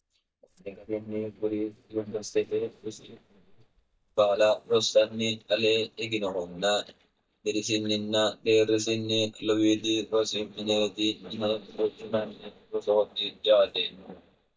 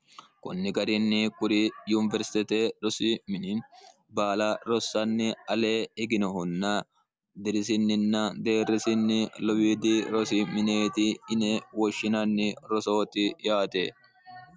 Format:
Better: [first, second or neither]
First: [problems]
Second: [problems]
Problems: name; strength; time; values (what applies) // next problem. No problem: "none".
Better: second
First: noise reduction (neural mask model DeepFilterNet 3)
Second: none